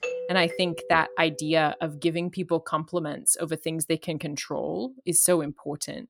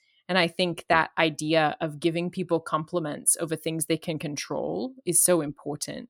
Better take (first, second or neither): second